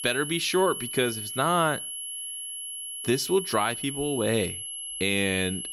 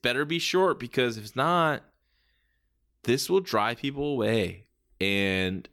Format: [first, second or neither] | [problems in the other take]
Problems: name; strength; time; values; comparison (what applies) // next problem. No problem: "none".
second | high-pitched whine; loud; throughout; 11 kHz, 6 dB below the speech